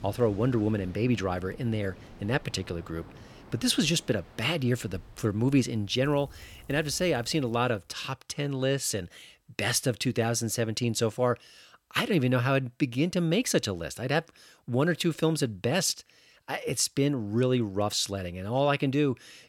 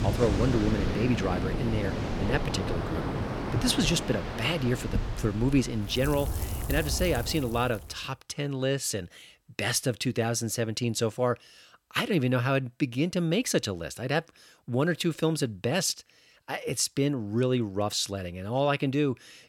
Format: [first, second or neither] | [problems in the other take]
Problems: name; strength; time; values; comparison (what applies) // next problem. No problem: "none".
first | rain or running water; loud; until 7.5 s; 4 dB below the speech; faint in the first